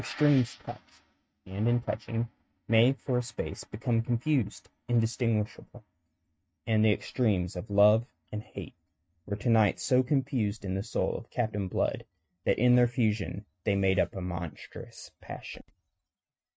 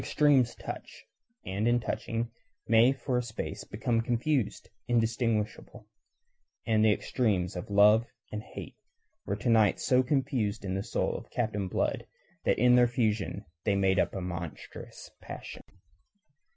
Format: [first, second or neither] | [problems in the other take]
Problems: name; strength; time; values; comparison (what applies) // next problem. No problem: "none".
second | noise reduction (neural mask model RNNoise)